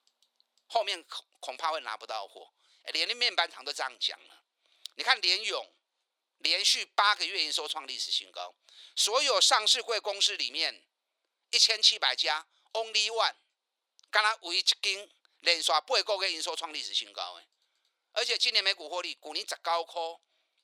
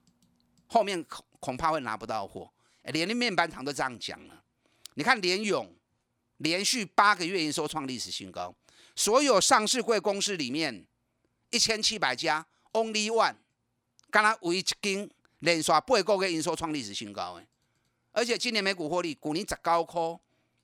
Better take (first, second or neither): second